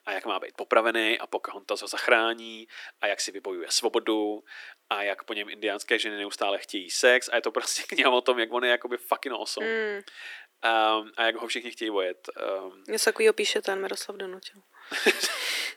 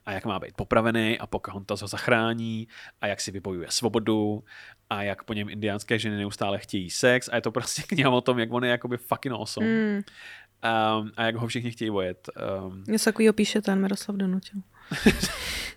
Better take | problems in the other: second | thin; very; fading below 300 Hz

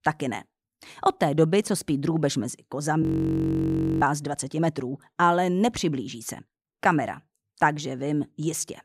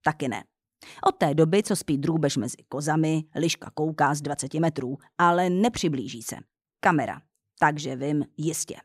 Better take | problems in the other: second | audio freezing; at 3 s for 1 s

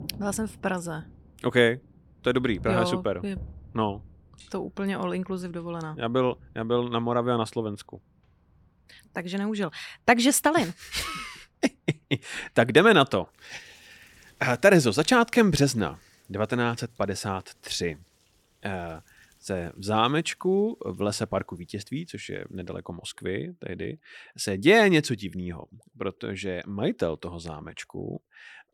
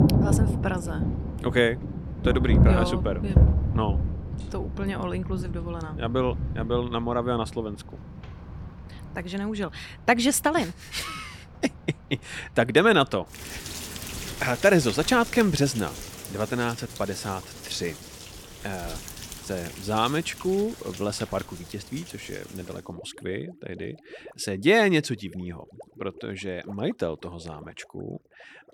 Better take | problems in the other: first | rain or running water; loud; throughout; 3 dB below the speech; faint in the first

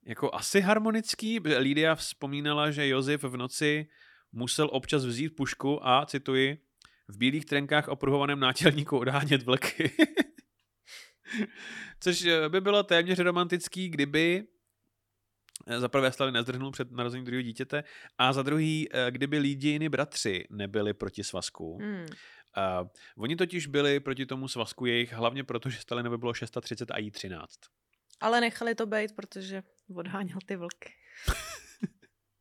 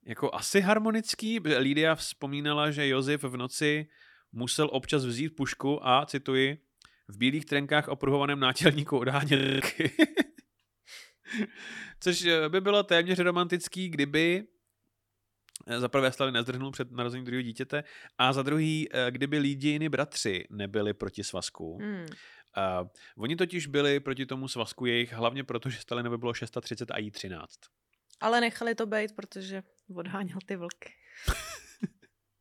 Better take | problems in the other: first | audio freezing; at 9.5 s

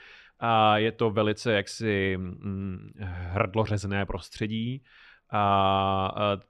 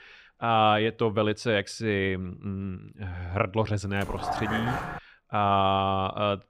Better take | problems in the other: first | dog barking; noticeable; at 4 s; peak 3 dB below the speech

